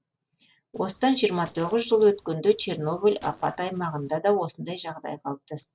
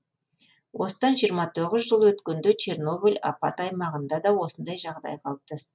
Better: second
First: noise reduction (neural separator model SepFormer DNS4)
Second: none

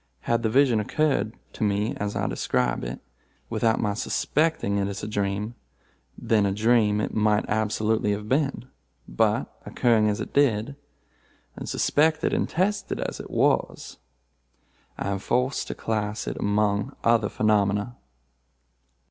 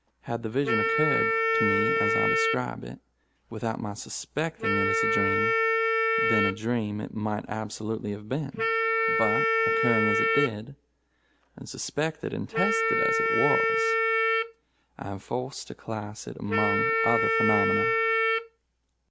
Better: first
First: none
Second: background sound (Wind instrument, woodwind instrument); 4 dB above the speech

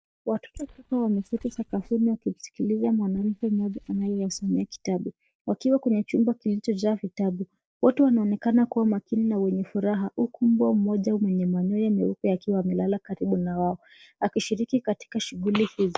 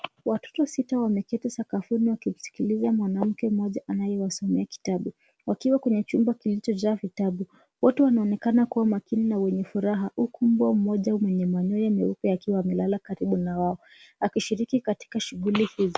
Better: second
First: noise reduction (neural mask model DeepFilterNet 3)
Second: none

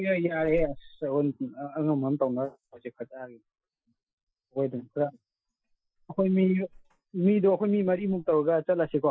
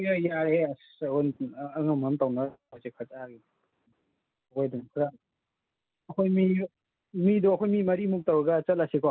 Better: second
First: noise reduction (classical method Wiener filter)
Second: none

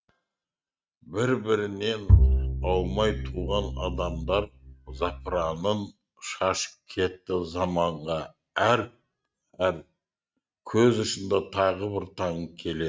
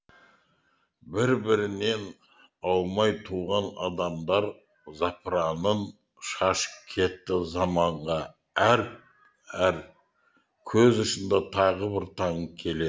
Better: second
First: noise reduction (neural mask model RNNoise)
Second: none

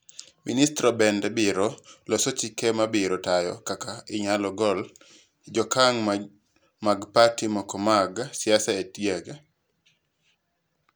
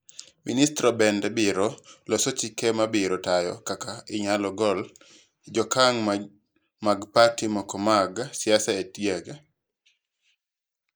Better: first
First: none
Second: noise reduction (neural mask model Resemble Enhance denoiser)

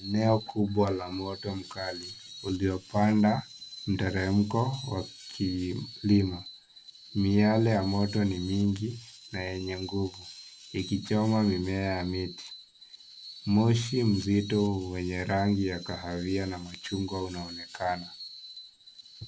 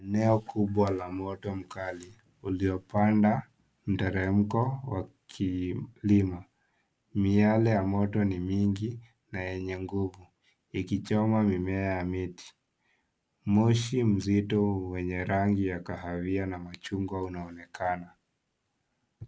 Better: second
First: background sound (Screech); 17 dB below the speech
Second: none

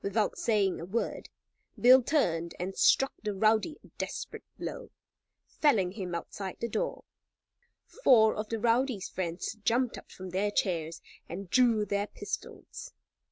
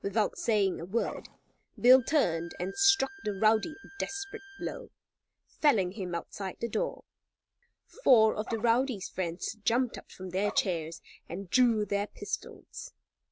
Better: first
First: none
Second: background sound (Dog + Bowed string instrument); 18 dB below the speech

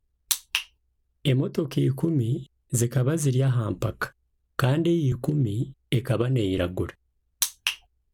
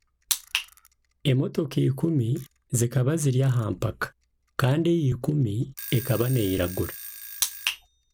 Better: first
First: none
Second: background sound (Alarm / Clock); 18 dB below the speech

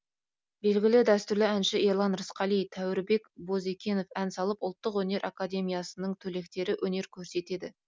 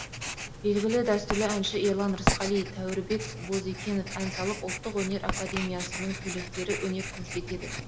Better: first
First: none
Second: background sound (Writing); 4 dB below the speech // room echo; dies away in 0.8 s

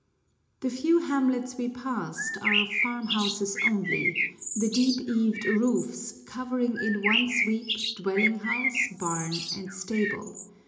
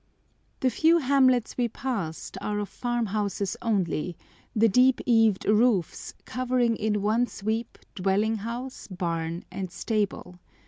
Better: second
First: background sound (Bird); 2 dB below the speech // room echo; dies away in 0.8 s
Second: none

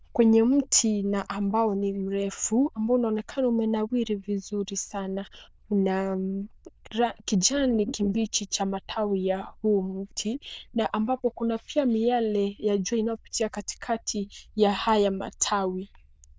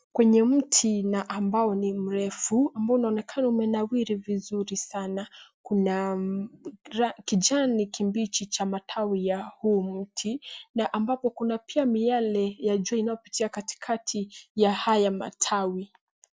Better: second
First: noise reduction (neural diffusion model UNIVERSE++)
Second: none

